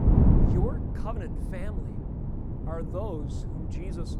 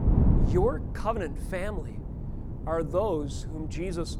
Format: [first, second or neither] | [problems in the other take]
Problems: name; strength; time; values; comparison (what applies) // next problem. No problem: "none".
second | wind noise on the microphone; heavy; 1 dB above the speech; occasional gusts in the second